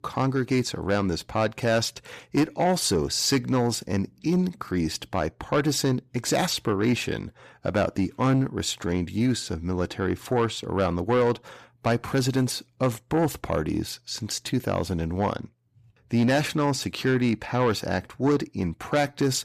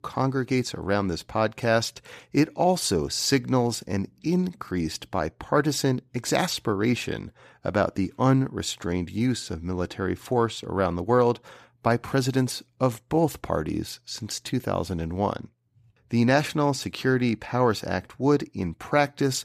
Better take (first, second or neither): second